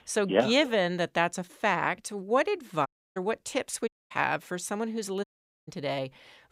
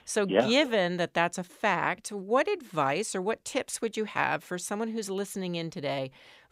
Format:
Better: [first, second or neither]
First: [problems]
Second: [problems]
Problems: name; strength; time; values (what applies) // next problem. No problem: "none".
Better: second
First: audio cutting out; at 3 s, at 4 s and at 5 s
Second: none